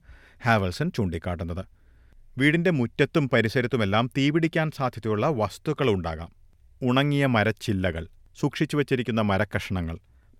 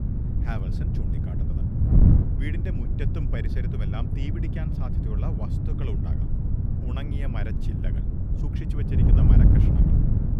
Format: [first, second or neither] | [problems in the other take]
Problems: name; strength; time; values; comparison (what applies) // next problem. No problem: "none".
first | wind noise on the microphone; heavy; 4 dB above the speech